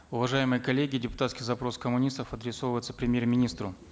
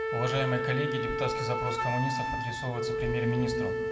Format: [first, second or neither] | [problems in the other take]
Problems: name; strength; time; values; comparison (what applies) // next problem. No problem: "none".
first | background sound (Wind instrument, woodwind instrument); as loud as the speech // room echo; dies away in 1.9 s